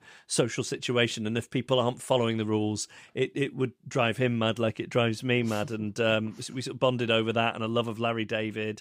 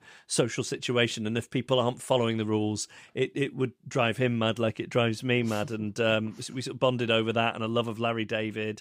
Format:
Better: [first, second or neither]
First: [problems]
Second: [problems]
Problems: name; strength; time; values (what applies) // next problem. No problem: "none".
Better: neither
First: none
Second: none